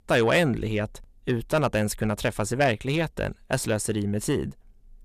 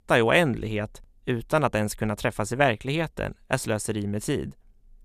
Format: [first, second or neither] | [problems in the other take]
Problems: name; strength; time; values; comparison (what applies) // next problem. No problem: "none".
second | distortion; slight; 10 dB below the speech